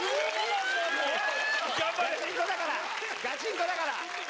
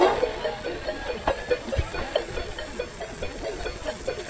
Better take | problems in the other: first | noise reduction (neural mask model DeepFilterNet 3)

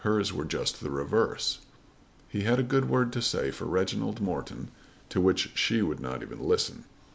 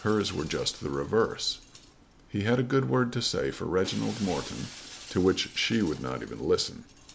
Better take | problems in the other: first | background sound (Shatter); 19 dB below the speech

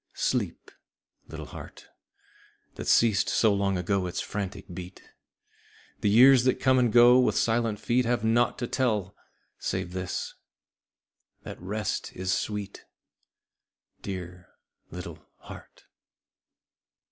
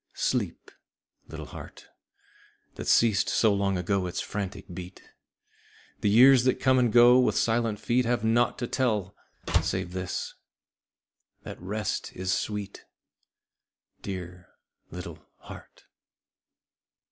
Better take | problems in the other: first | background sound (Slam); 2 dB below the speech

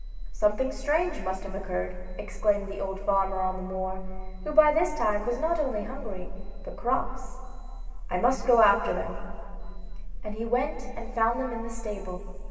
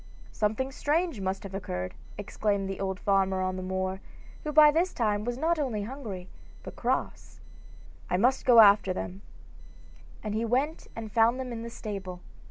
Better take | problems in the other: second | room echo; dies away in 2.4 s

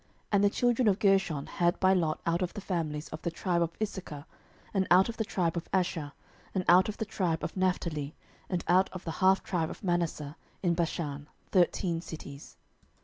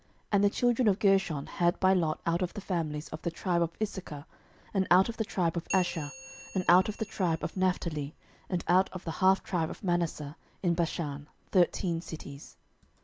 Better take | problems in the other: first | background sound (Bell); 17 dB below the speech

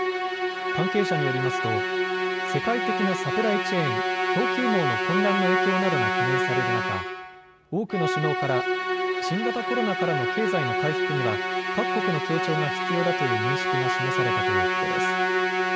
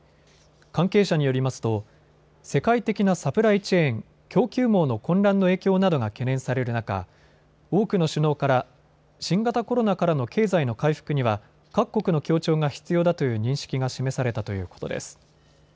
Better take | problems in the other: second | background sound (Musical instrument); 4 dB above the speech

